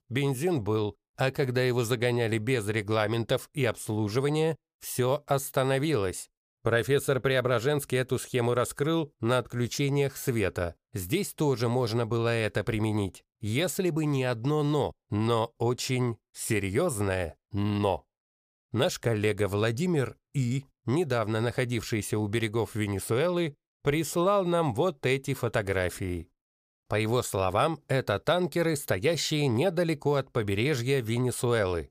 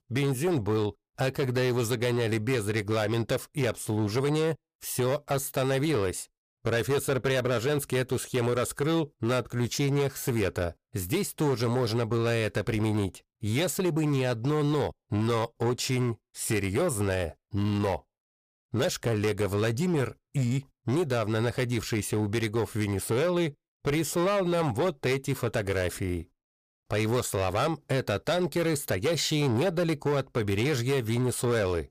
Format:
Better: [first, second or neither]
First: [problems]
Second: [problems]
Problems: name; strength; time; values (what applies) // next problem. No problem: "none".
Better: first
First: none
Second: distortion; slight; 12% of the sound clipped